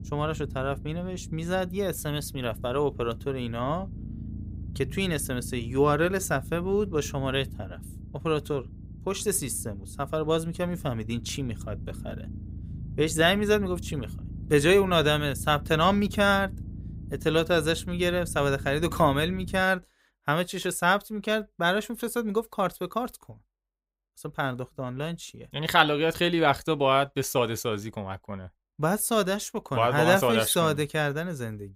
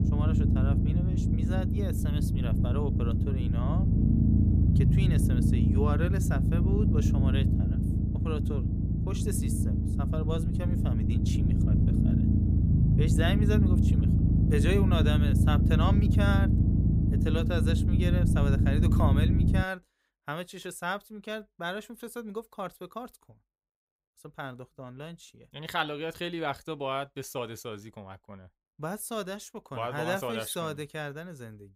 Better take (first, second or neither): first